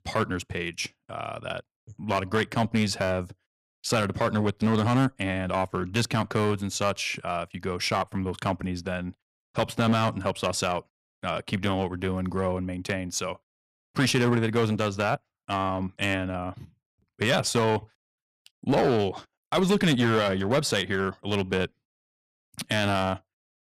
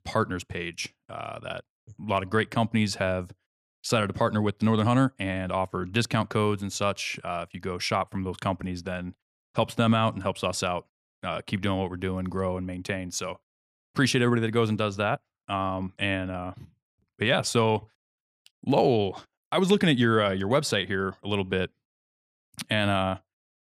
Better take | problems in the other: second | distortion; slight; 6% of the sound clipped

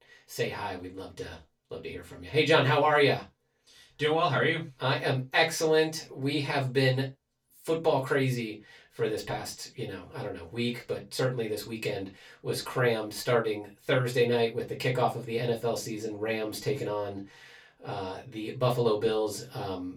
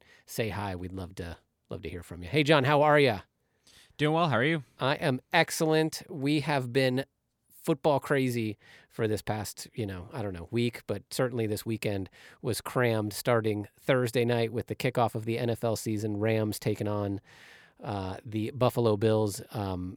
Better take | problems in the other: second | room echo; very slight; dies away in 0.2 s // off-mic speech; far

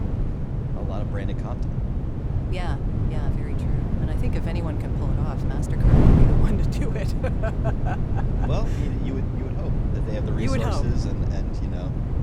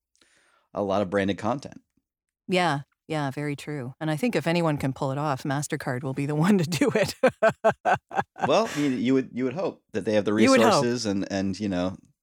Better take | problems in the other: second | wind noise on the microphone; heavy; 1 dB above the speech

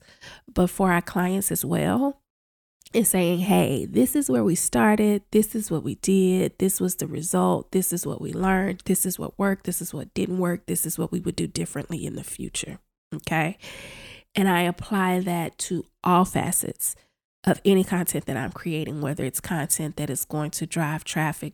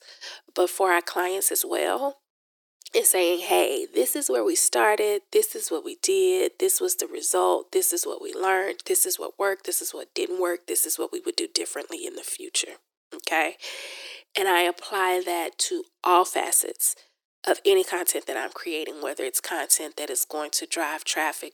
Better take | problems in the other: first | thin; very; fading below 350 Hz

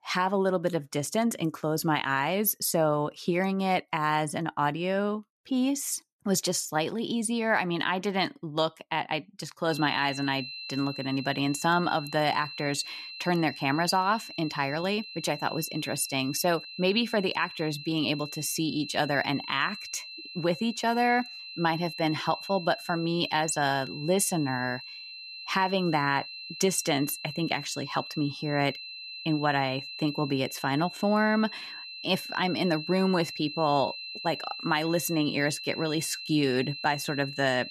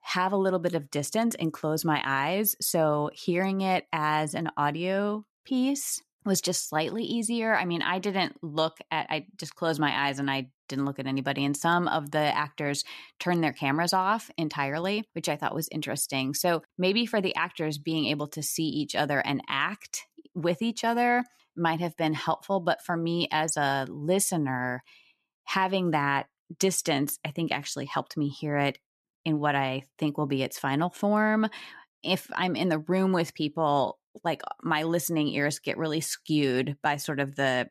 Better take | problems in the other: second | high-pitched whine; noticeable; from 9.5 s on; 4 kHz, 10 dB below the speech

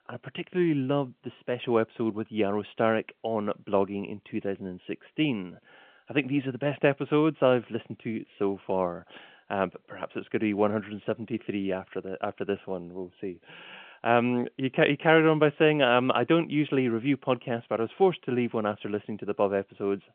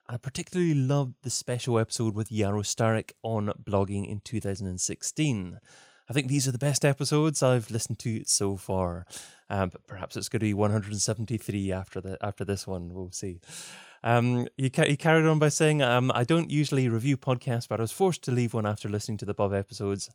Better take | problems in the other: second | phone-call audio

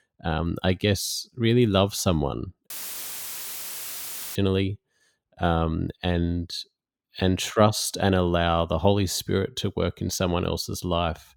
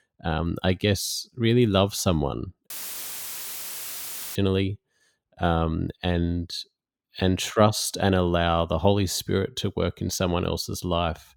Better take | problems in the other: neither | audio cutting out; filled with static; at 2.5 s for 1.5 s; the same in both

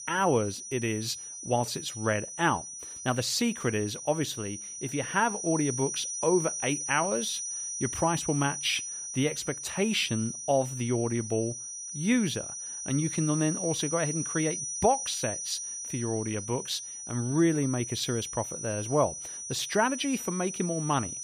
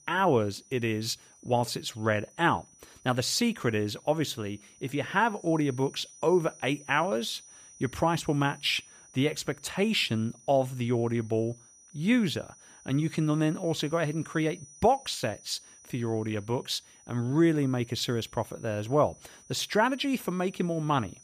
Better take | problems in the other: second | high-pitched whine; loud; throughout; 6 kHz, 5 dB below the speech; faint in the second

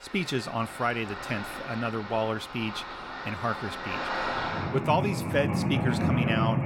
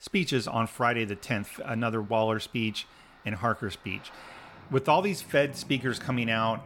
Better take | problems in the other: second | machinery noise; loud; throughout; 1 dB below the speech; faint in the second

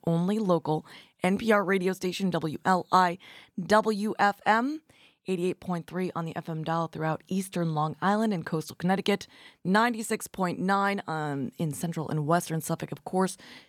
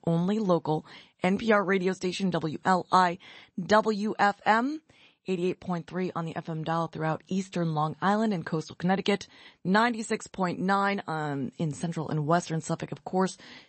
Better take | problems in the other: first | garbled, watery; slightly; nothing above 8 kHz

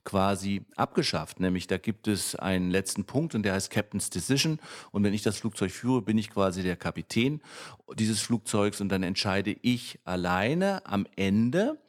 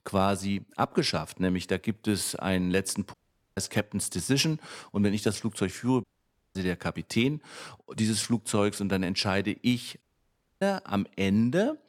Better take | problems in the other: first | audio cutting out; at 3 s, at 6 s for 0.5 s and at 10 s for 0.5 s

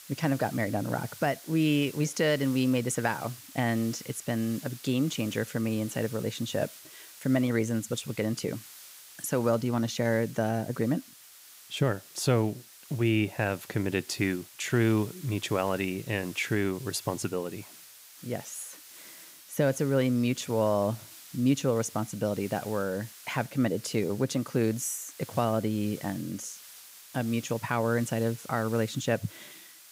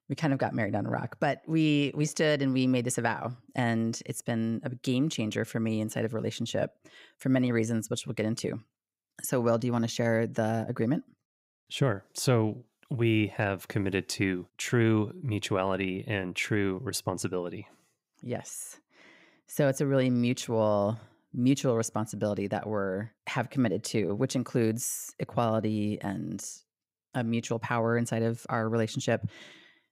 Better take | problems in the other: second | hiss; noticeable; throughout; 15 dB below the speech

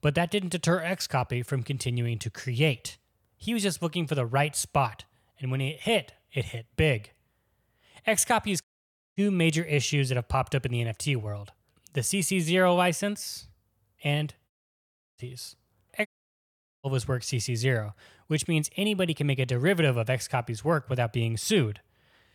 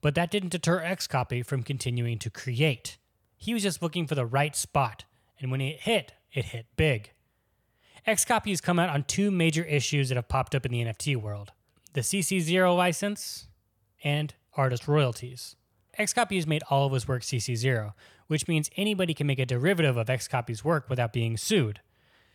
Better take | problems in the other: second | audio cutting out; at 8.5 s for 0.5 s, at 15 s for 0.5 s and at 16 s for 1 s

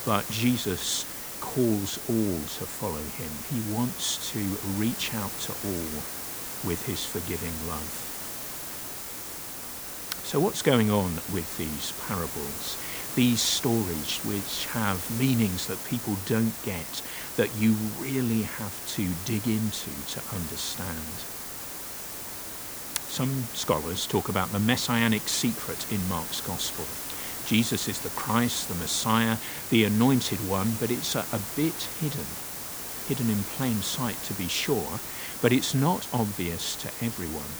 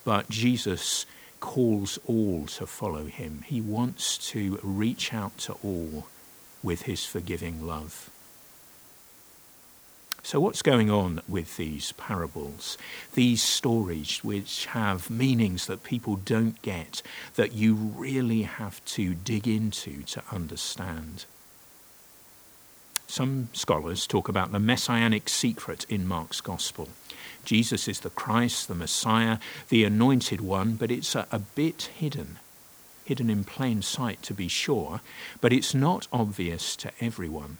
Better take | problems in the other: second | hiss; loud; throughout; 5 dB below the speech; faint in the second

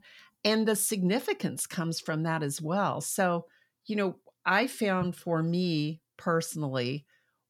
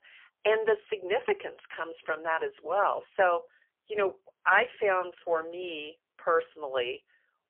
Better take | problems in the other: first | phone-call audio; poor line; nothing above 3 kHz

